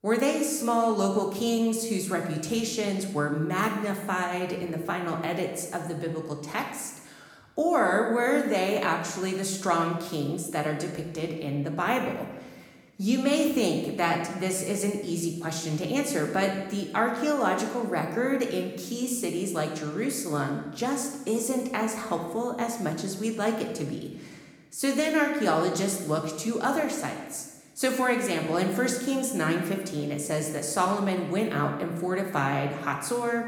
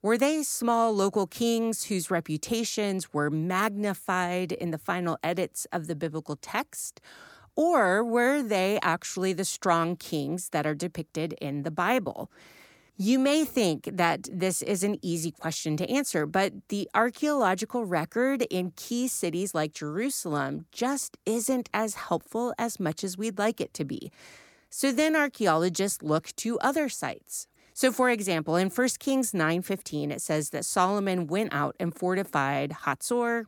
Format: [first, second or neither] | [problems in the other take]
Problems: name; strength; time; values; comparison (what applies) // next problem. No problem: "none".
second | room echo; noticeable; dies away in 1 s // off-mic speech; somewhat distant